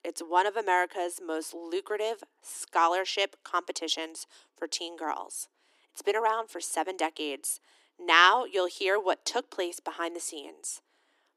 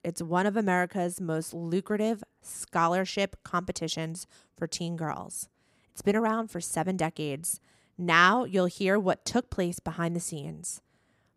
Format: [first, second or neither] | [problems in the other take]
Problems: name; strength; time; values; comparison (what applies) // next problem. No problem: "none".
second | thin; very; fading below 300 Hz